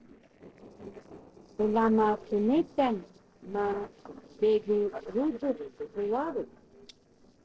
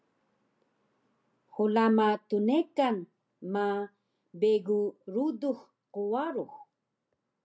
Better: second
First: noise reduction (neural separator model SepFormer DNS4)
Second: none

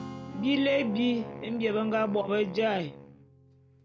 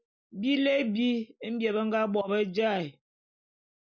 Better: second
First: background sound (Wind instrument, woodwind instrument + Strum); 12 dB below the speech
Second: none

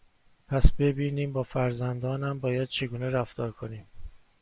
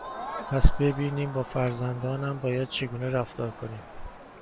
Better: first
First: none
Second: background sound (Crowd); 14 dB below the speech

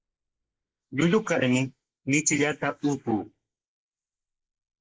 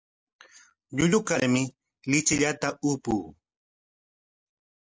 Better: second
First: noise reduction (neural mask model Resemble Enhance denoiser)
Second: none

